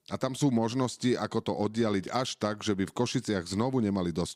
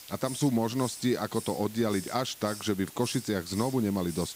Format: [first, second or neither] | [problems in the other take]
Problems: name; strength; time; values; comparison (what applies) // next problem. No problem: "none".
first | hiss; noticeable; throughout; 10 dB below the speech